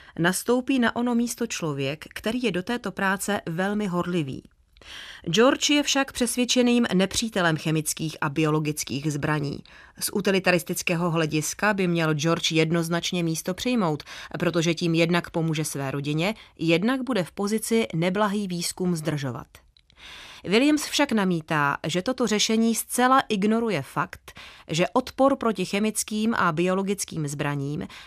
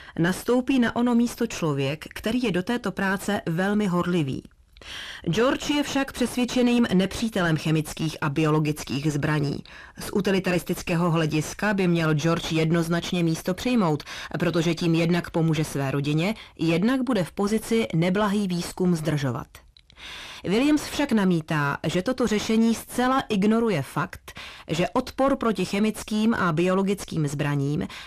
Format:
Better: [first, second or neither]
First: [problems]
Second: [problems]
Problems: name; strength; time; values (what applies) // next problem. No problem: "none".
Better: first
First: none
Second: distortion; heavy; 7 dB below the speech